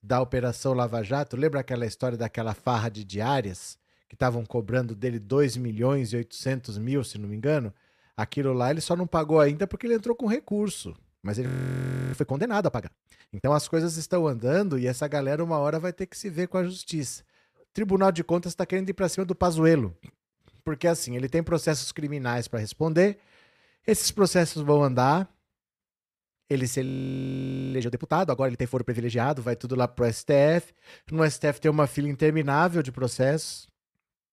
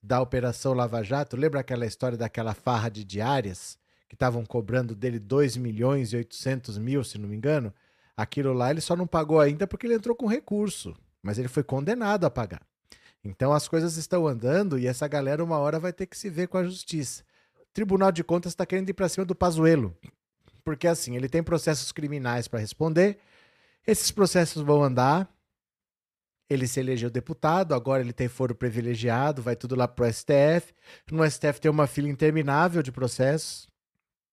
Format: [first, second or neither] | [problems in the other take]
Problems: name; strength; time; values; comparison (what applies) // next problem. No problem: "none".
second | audio freezing; at 11 s for 0.5 s and at 27 s for 1 s